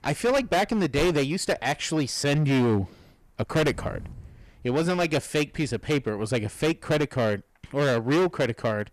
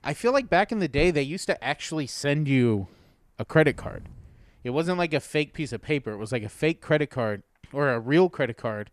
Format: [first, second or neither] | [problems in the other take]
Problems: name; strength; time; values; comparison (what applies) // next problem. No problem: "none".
second | distortion; heavy; 14% of the sound clipped